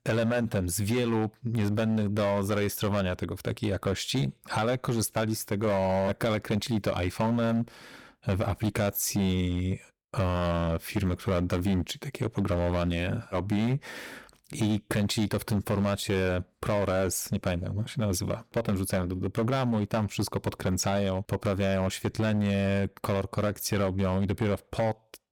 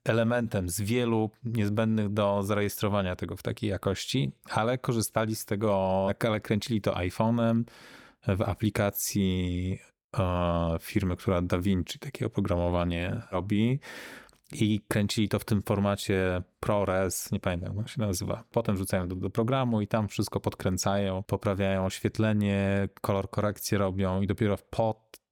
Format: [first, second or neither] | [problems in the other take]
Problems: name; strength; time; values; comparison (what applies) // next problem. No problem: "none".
second | distortion; slight; 11% of the sound clipped